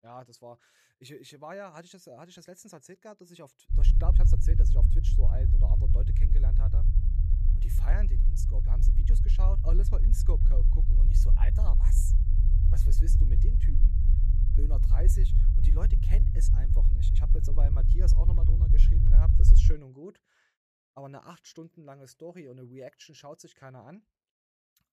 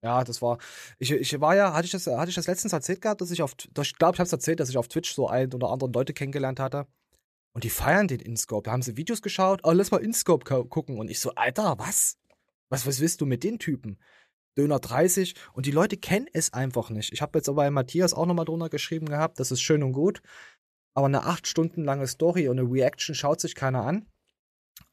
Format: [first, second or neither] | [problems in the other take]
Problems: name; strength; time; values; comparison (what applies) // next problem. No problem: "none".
second | low rumble; loud; from 3.5 to 20 s; as loud as the speech